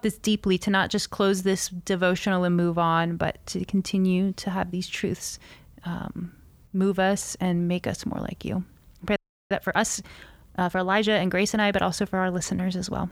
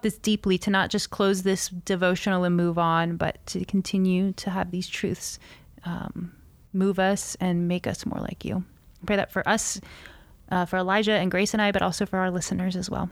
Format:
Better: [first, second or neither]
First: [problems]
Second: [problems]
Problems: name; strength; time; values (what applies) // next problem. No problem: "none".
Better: second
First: audio freezing; at 9 s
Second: none